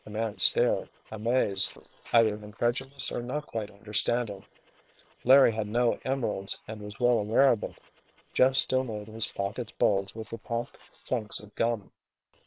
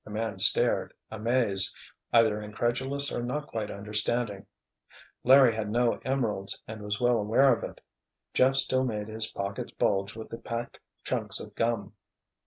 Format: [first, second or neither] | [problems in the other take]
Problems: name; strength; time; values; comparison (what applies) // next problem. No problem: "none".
second | noise reduction (neural separator model SepFormer WHAM!)